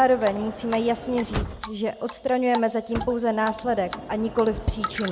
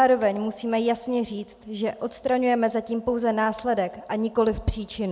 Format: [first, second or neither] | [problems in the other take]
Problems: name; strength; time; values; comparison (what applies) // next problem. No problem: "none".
second | background sound (Drip + Sliding door / Motor vehicle (road)); 10 dB below the speech